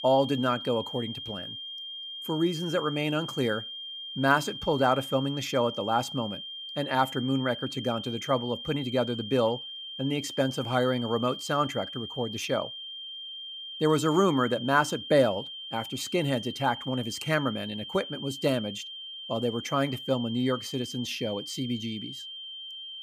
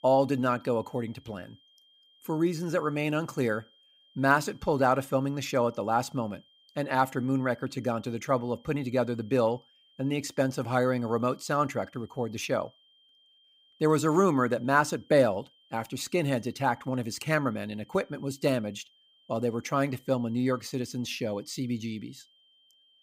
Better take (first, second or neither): second